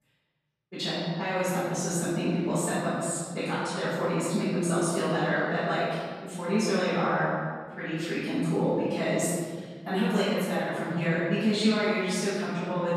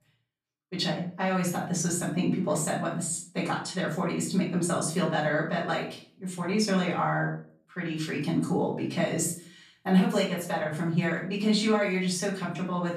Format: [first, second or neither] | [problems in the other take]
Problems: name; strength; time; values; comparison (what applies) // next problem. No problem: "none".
second | room echo; strong; dies away in 1.6 s; slight in the second // off-mic speech; far; far in the second